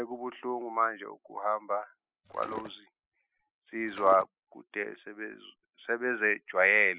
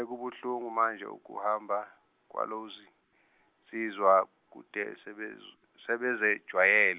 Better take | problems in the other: second | noise reduction (classical method spectral subtraction)

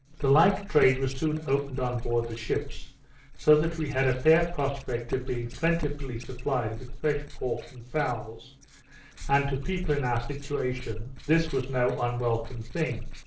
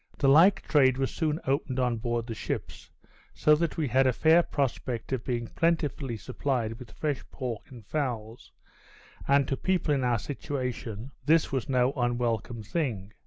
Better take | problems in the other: second | noise reduction (neural separator model SepFormer DNS4)

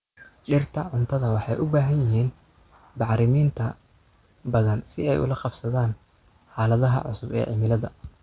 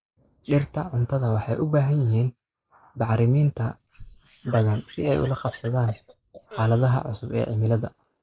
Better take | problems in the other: first | noise reduction (neural mask model Resemble Enhance denoiser)

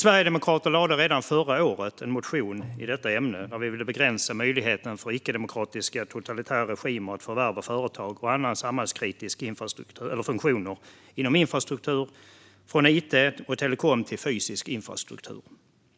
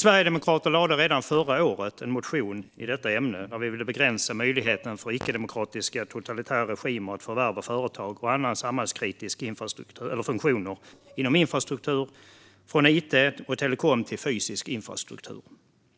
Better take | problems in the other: first | noise reduction (neural separator model SepFormer DNS4)

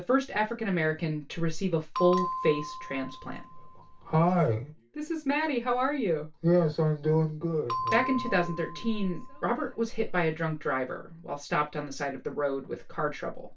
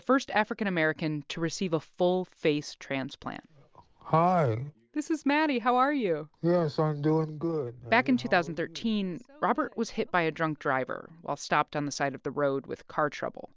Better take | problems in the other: second | background sound (Bell); 8 dB below the speech // room echo; dies away in 0.2 s

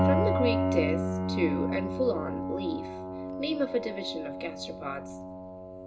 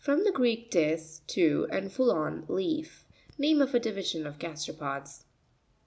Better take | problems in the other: second | background sound (Piano); 2 dB above the speech // room echo; dies away in 0.2 s

